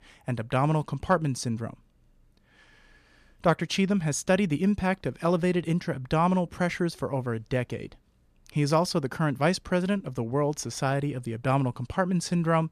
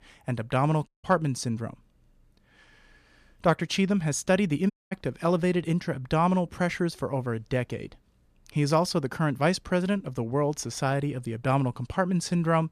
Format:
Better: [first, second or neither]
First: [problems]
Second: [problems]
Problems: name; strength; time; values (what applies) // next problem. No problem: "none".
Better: first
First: none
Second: audio cutting out; at 1 s and at 4.5 s